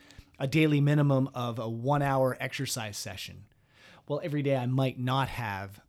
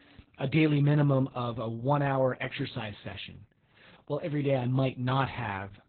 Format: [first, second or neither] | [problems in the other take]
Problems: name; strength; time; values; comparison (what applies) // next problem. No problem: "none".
first | garbled, watery; badly; nothing above 4 kHz